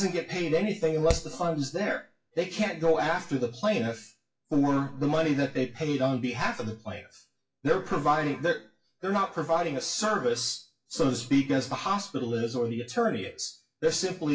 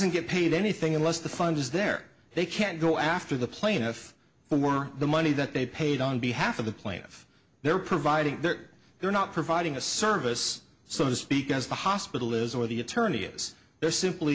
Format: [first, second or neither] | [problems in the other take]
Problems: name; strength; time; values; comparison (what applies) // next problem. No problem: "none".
second | noise reduction (classical method WPE with log-MMSE)